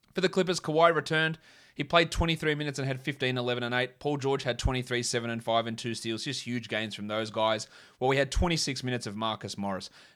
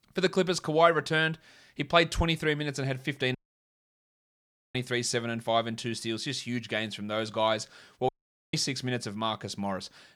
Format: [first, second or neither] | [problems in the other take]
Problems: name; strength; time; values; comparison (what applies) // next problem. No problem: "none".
first | audio cutting out; at 3.5 s for 1.5 s and at 8 s